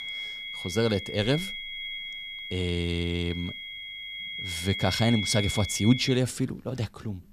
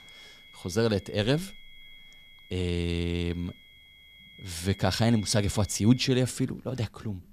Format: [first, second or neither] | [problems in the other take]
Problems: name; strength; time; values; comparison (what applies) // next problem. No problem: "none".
second | high-pitched whine; loud; until 6 s; 3.5 kHz, 6 dB below the speech; faint in the second